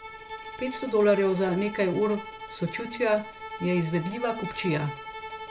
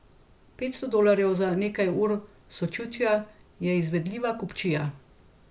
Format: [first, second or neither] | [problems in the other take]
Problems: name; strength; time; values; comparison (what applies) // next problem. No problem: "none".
second | background sound (Bowed string instrument); 12 dB below the speech